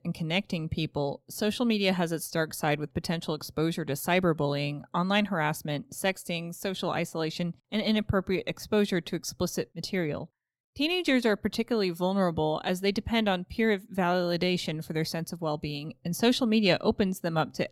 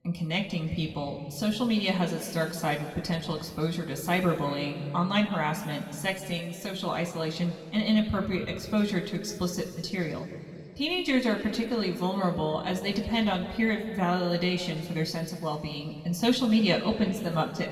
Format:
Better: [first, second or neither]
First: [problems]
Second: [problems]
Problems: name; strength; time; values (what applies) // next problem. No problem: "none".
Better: first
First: none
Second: room echo; noticeable; dies away in 1.8 s // off-mic speech; somewhat distant